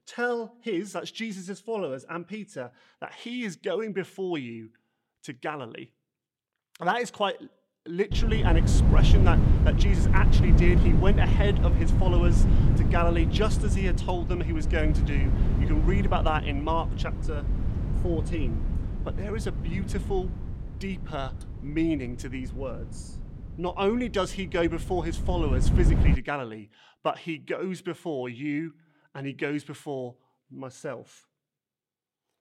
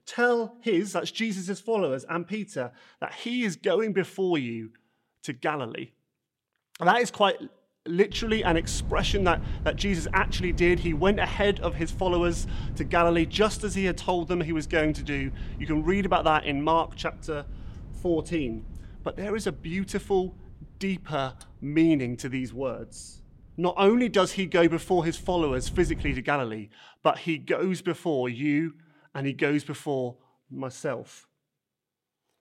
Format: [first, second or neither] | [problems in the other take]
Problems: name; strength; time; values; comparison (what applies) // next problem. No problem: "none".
second | wind noise on the microphone; heavy; from 8 to 26 s; 5 dB below the speech; occasional gusts in the second